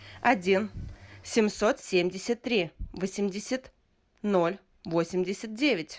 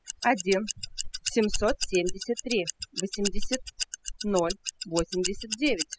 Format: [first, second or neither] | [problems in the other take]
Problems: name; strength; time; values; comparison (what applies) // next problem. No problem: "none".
first | noise reduction (classical method spectral subtraction)